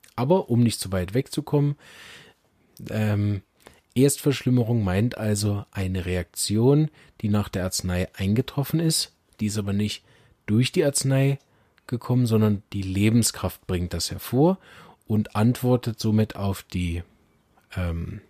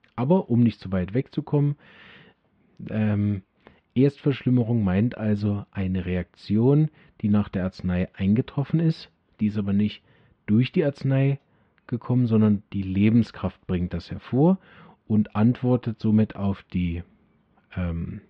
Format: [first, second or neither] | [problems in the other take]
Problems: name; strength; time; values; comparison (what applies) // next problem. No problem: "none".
first | muffled; very; fading above 3 kHz